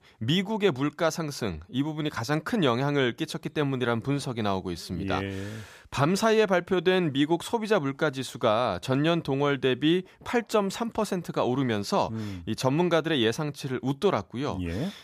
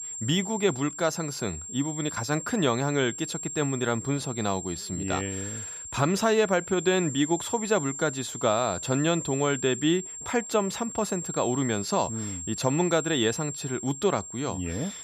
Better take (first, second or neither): first